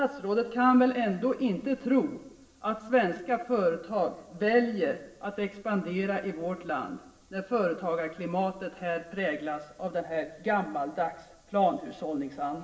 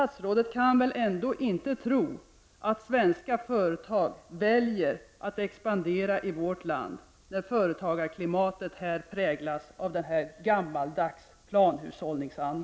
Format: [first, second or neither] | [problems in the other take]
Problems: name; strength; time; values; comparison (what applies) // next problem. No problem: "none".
second | room echo; dies away in 0.8 s